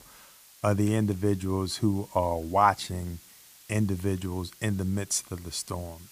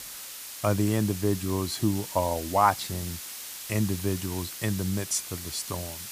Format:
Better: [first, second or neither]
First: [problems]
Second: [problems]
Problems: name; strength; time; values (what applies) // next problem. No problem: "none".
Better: first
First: hiss; faint; throughout; 20 dB below the speech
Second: hiss; loud; throughout; 8 dB below the speech